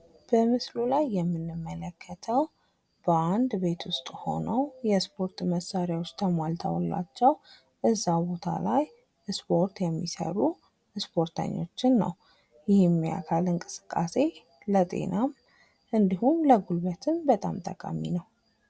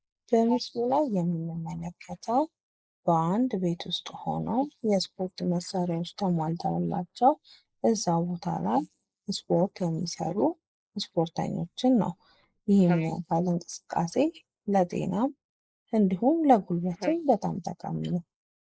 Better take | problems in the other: first | noise reduction (neural mask model Resemble Enhance denoiser)

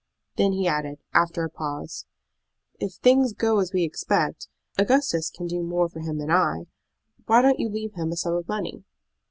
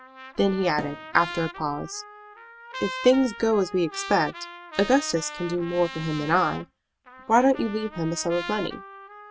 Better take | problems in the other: first | background sound (Trumpet + Thump, thud); 13 dB below the speech

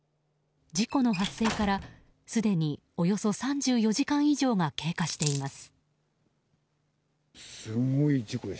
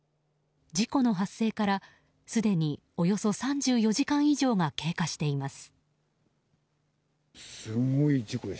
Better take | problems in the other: second | background sound (Squeak / Slam / Wood + Coin (dropping)); 9 dB below the speech

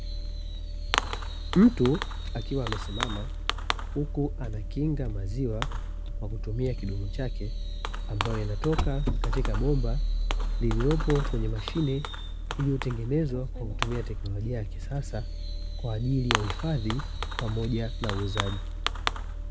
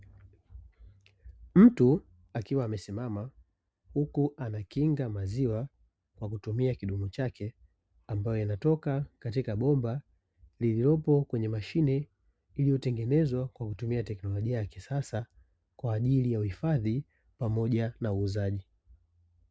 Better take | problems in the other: second | background sound (Fireworks); as loud as the speech

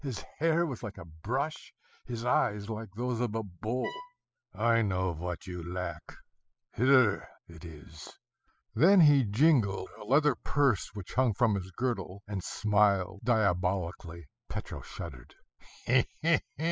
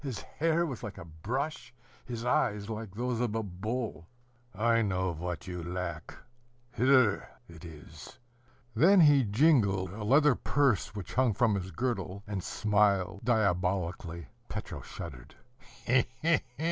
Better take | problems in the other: second | noise reduction (classical method spectral subtraction)

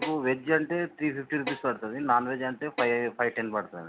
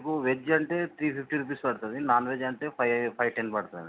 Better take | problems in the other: second | background sound (Snare drum); 13 dB below the speech

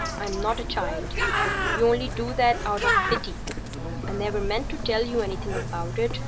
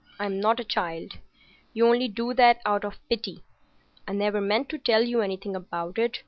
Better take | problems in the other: second | background sound (Bird); as loud as the speech // room echo; dies away in 0.3 s

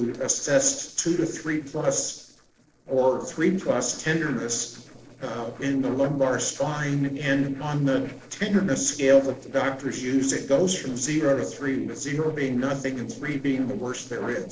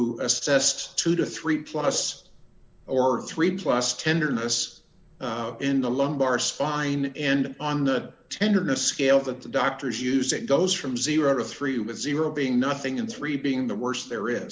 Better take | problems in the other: second | noise reduction (neural separator model SepFormer DNS4)

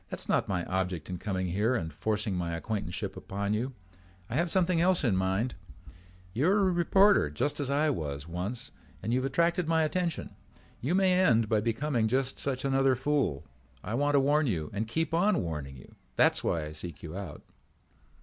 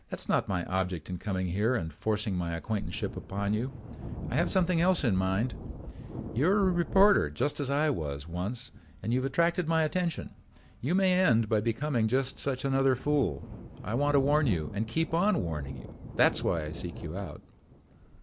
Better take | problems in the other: first | background sound (Thunder); 14 dB below the speech

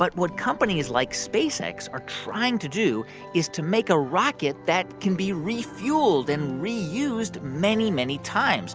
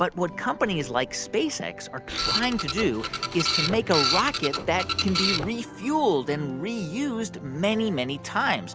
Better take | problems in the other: first | background sound (Printer); 1 dB below the speech

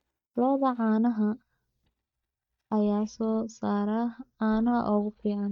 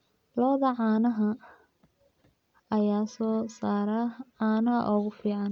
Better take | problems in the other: second | noise reduction (neural mask model DeepFilterNet 3)

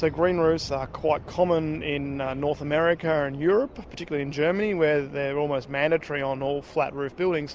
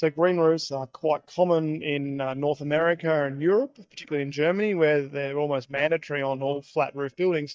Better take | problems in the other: first | noise reduction (neural mask model DeepFilterNet 3)

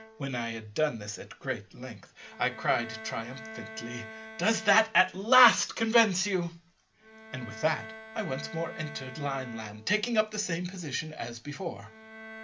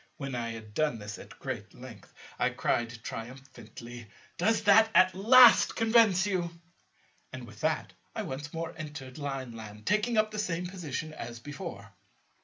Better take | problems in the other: second | background sound (Bowed string instrument); 17 dB below the speech

